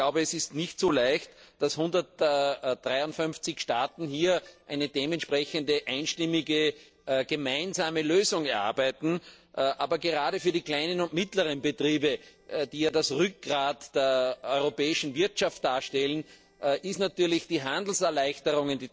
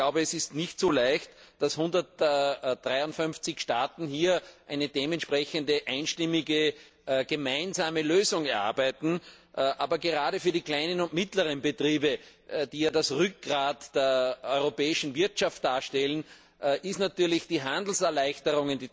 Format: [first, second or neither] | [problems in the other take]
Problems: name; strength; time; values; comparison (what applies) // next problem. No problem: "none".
second | noise reduction (neural separator model SepFormer DNS4)